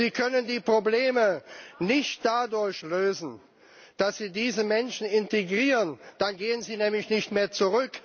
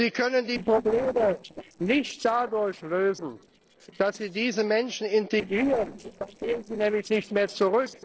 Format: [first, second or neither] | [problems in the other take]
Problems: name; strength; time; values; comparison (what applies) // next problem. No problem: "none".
first | noise reduction (neural separator model SepFormer DNS4)